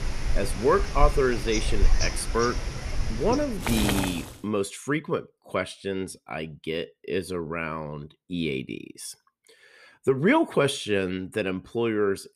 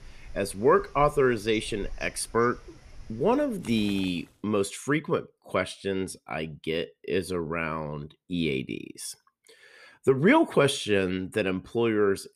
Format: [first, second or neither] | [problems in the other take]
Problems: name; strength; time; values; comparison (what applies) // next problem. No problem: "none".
second | household noises; loud; until 3.5 s; 3 dB below the speech; faint in the second